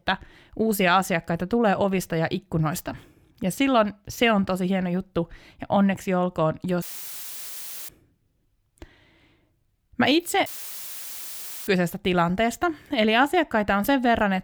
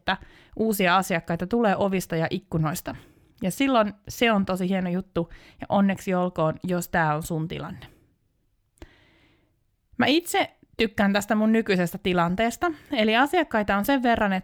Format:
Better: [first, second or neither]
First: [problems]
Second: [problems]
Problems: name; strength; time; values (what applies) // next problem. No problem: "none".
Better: second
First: audio cutting out; filled with static; at 7 s for 1 s and at 10 s for 1 s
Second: none